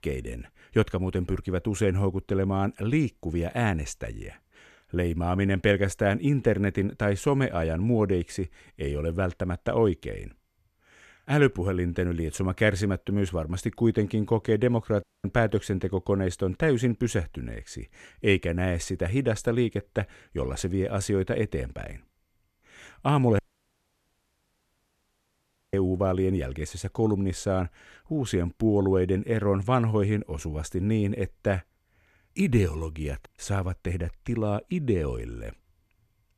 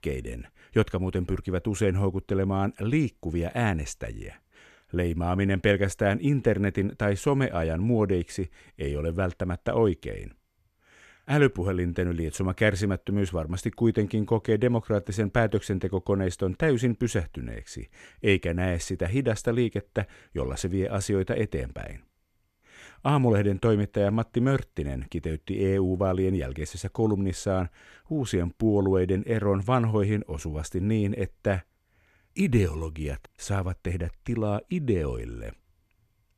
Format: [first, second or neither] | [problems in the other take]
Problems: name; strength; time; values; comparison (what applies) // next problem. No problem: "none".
second | audio cutting out; at 15 s and at 23 s for 2.5 s